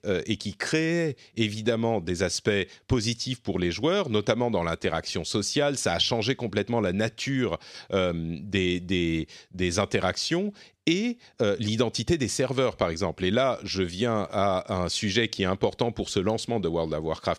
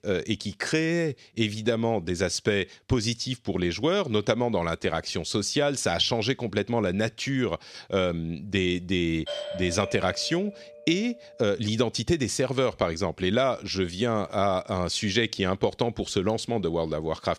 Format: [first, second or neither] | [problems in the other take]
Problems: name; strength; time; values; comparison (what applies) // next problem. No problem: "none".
first | doorbell; noticeable; from 9.5 to 11 s; peak 7 dB below the speech